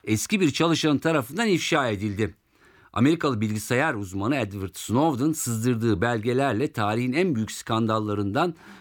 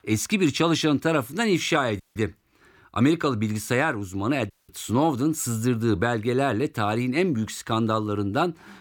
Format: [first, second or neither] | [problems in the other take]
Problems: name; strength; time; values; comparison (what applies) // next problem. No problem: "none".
first | audio cutting out; at 2 s and at 4.5 s